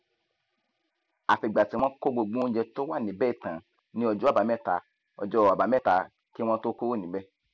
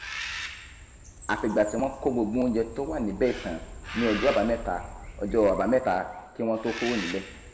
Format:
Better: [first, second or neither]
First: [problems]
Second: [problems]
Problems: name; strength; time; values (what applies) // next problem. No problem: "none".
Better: first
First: none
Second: background sound (Bird); 11 dB below the speech // room echo; dies away in 1.3 s